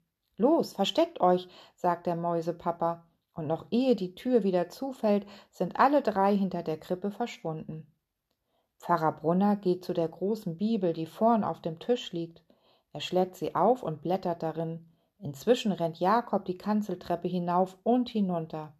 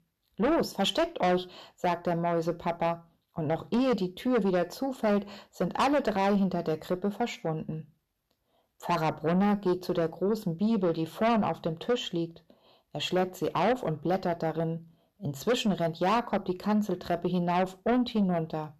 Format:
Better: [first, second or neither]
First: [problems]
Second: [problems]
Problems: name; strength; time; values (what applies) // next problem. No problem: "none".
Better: first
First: none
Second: distortion; heavy; 8 dB below the speech